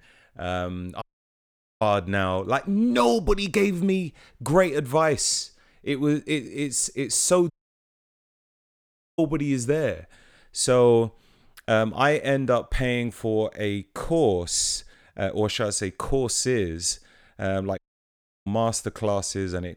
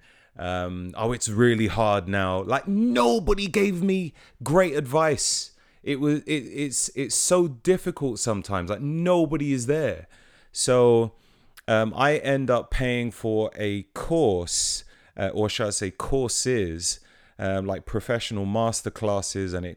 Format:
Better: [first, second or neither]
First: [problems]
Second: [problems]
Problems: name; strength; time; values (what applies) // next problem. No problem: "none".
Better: second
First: audio cutting out; at 1 s for 1 s, at 7.5 s for 1.5 s and at 18 s for 0.5 s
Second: none